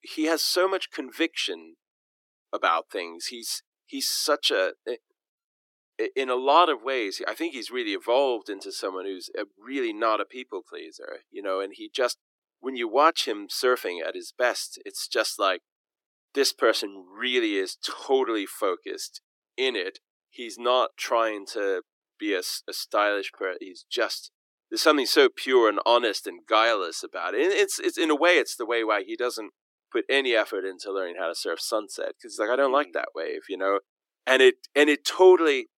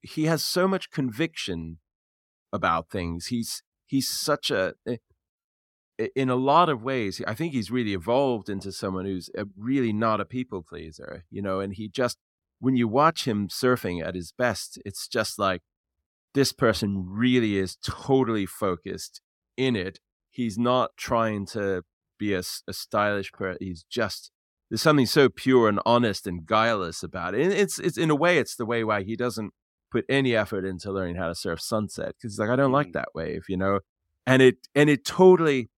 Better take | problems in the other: second | thin; somewhat; fading below 300 Hz

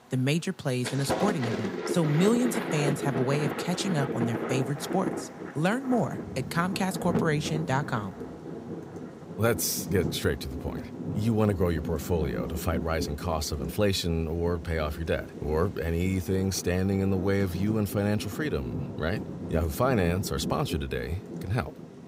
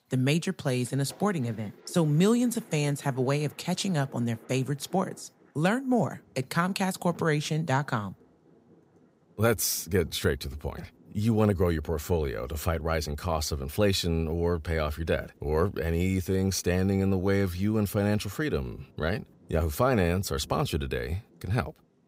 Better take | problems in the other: second | rain or running water; loud; throughout; 7 dB below the speech; faint in the second

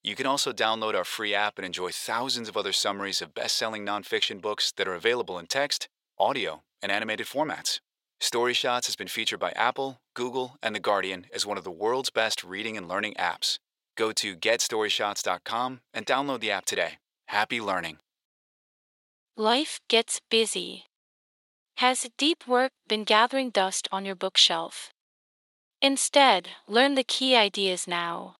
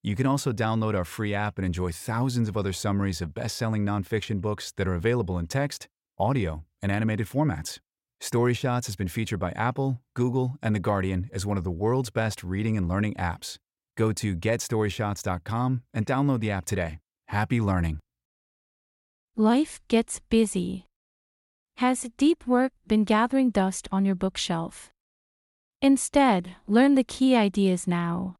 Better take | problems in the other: second | thin; somewhat; fading below 550 Hz

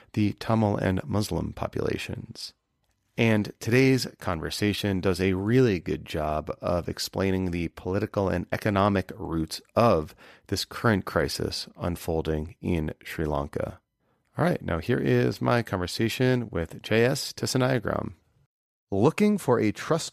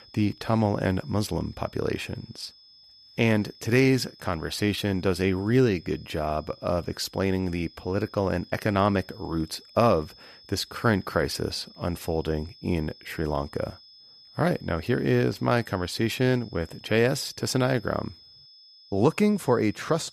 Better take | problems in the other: first | high-pitched whine; faint; throughout; 5 kHz, 25 dB below the speech

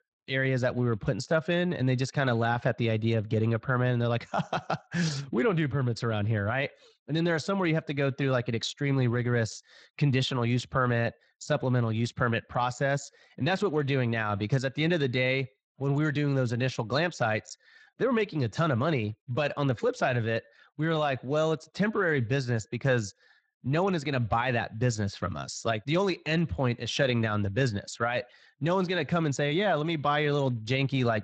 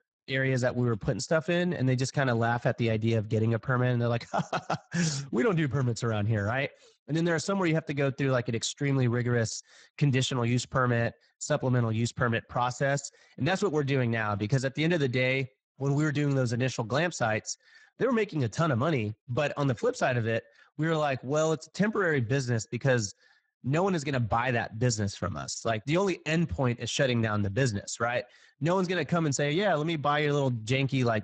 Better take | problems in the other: first | garbled, watery; badly; nothing above 7.5 kHz; slightly in the first

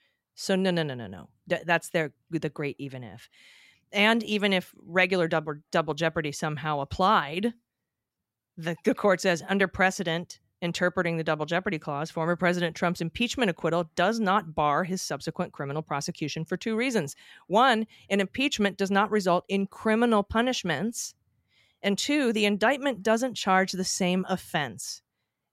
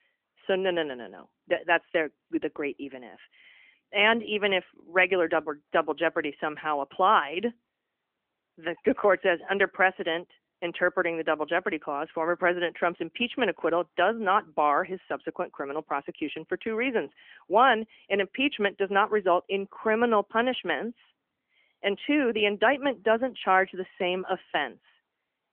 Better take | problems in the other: first | phone-call audio; nothing above 3 kHz

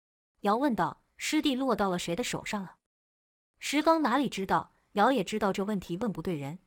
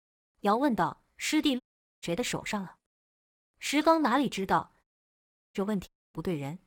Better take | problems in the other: first | audio cutting out; at 1.5 s, at 5 s for 0.5 s and at 6 s

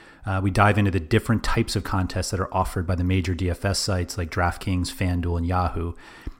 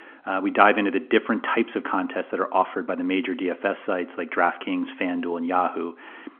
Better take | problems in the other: first | phone-call audio; nothing above 3.5 kHz

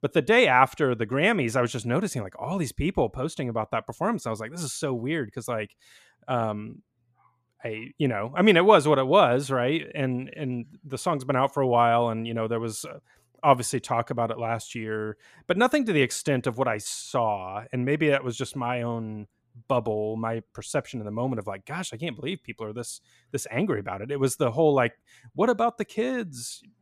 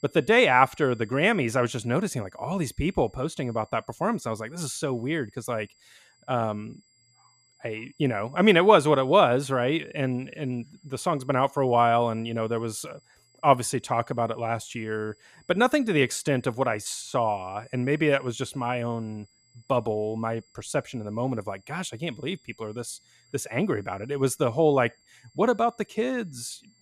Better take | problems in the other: first | high-pitched whine; faint; throughout; 4.5 kHz, 35 dB below the speech

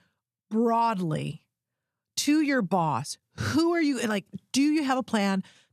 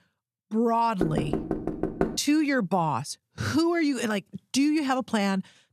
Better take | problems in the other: first | door banging; noticeable; from 1 to 2 s; peak 2 dB below the speech

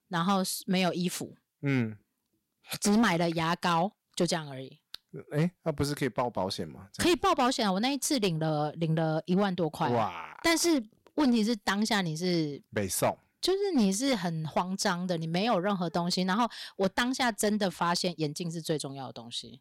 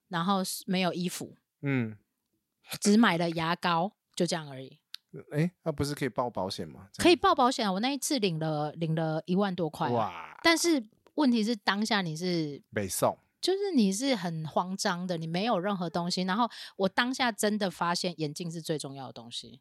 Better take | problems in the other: second | distortion; slight; 6% of the sound clipped

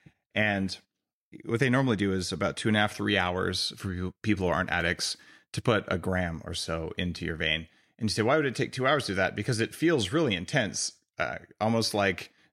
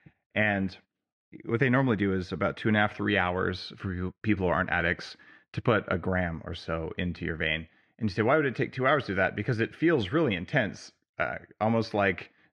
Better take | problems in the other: first | muffled; slightly; fading above 2 kHz

